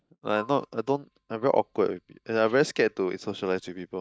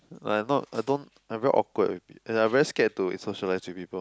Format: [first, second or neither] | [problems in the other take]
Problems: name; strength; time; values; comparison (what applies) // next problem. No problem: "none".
second | noise reduction (neural mask model DeepFilterNet 3)